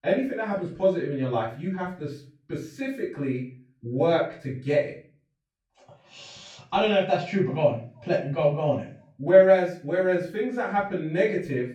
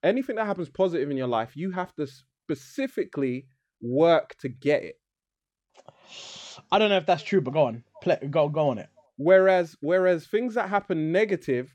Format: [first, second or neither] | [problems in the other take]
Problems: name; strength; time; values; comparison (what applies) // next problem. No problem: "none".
second | off-mic speech; far // room echo; slight; dies away in 0.4 s